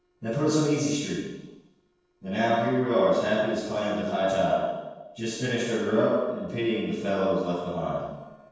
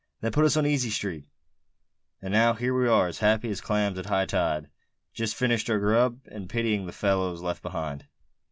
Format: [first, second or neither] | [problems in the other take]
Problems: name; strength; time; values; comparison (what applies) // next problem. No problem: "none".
second | noise reduction (neural separator model SepFormer DNS4)